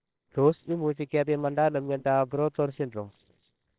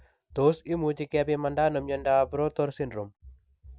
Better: second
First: noise reduction (neural separator model SepFormer WHAMR!)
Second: none

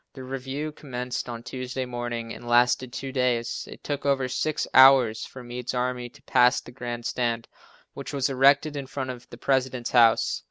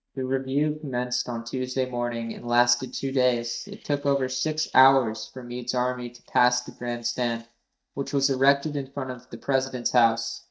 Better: first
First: none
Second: noise reduction (neural mask model DeepFilterNet 3)

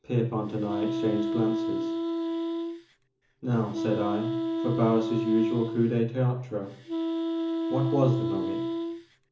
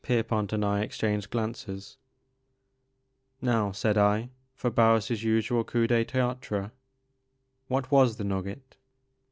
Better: second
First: background sound (Wind instrument, woodwind instrument); 1 dB below the speech // room echo; dies away in 0.7 s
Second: none

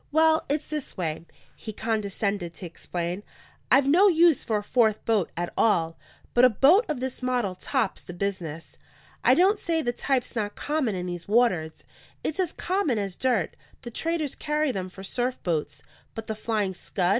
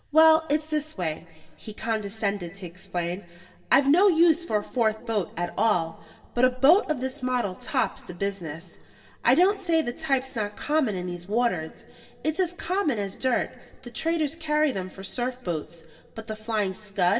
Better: first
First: none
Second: room echo; dies away in 3 s

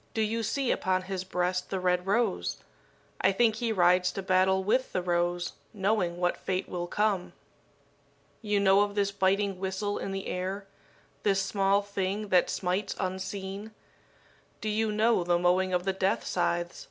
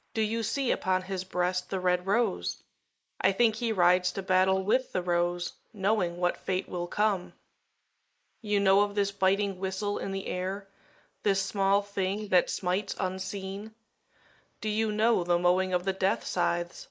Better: first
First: none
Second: noise reduction (neural mask model Resemble Enhance denoiser)

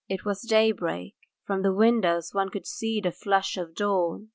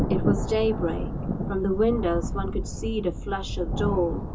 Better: first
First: none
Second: background sound (Thunder); 1 dB below the speech // room echo; dies away in 0.2 s

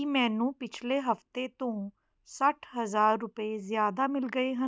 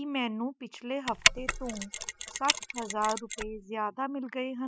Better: first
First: none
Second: noise reduction (classical method spectral subtraction)

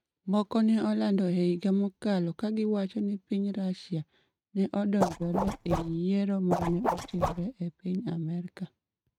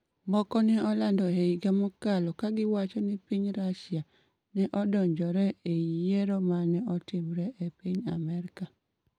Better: second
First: noise reduction (neural mask model RNNoise)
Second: none

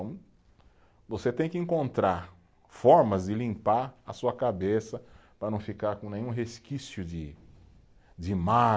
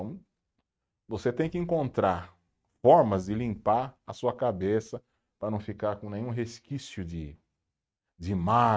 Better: first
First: none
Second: noise reduction (neural mask model RNNoise)

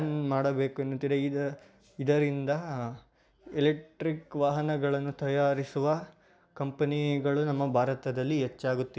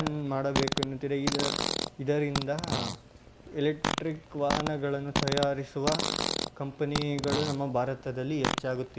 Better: first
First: none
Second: background sound (Fart); 2 dB below the speech

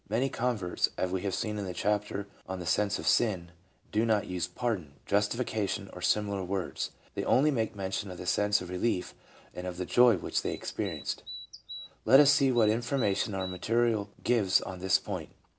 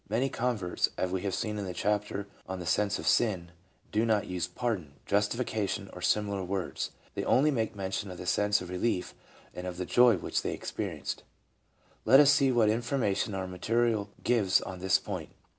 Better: second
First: background sound (Bird vocalization, bird call, bird song); 15 dB below the speech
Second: none

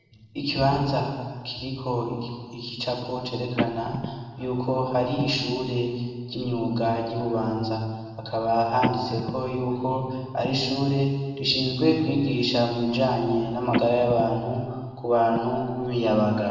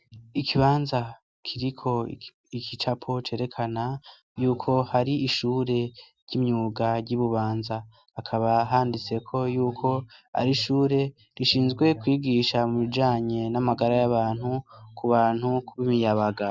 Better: second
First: background sound (Telephone); 9 dB below the speech // room echo; dies away in 1.5 s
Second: none

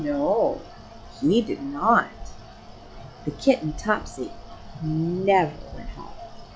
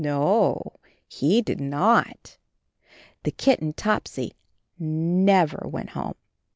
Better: second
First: noise reduction (classical method log-MMSE)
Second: none

